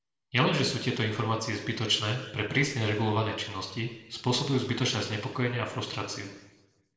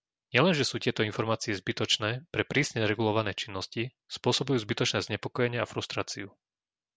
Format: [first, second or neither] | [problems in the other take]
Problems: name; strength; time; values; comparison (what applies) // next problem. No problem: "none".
second | room echo; dies away in 1 s